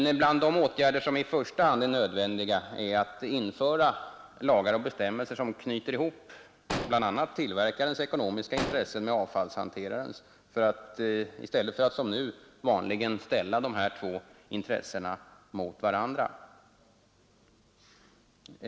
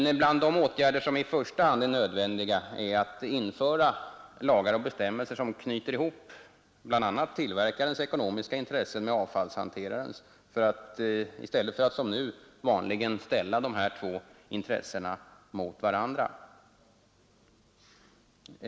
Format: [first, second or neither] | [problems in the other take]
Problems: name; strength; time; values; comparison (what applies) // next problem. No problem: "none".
second | background sound (Explosion); 8 dB below the speech